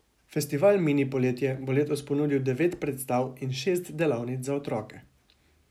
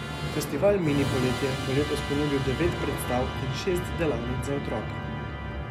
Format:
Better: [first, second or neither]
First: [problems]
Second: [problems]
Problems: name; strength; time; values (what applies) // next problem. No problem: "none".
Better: first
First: none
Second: background sound (Musical instrument); 3 dB below the speech